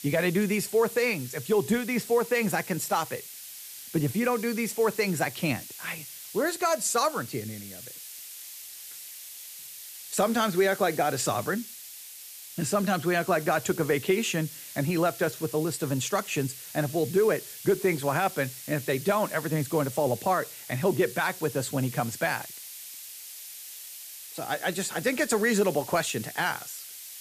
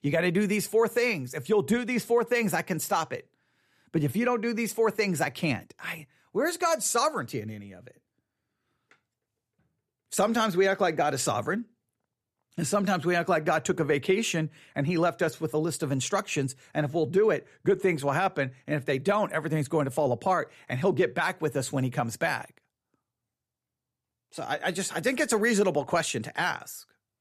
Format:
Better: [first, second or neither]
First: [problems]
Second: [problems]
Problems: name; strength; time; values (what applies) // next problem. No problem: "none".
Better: second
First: hiss; noticeable; throughout; 10 dB below the speech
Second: none